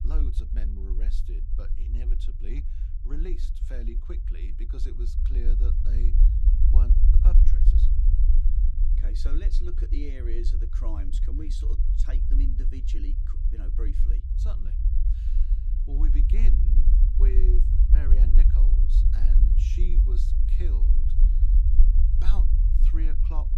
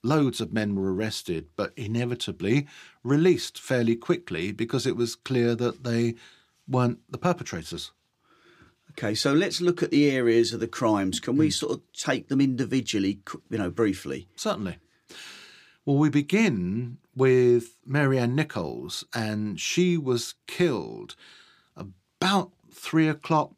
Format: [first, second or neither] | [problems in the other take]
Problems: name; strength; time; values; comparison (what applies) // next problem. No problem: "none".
second | low rumble; loud; throughout; 1 dB below the speech